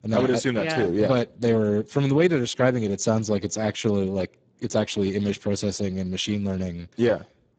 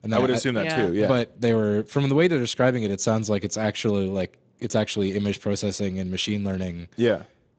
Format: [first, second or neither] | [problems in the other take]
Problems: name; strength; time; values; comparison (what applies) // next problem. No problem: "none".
second | garbled, watery; badly; nothing above 7.5 kHz; slightly in the second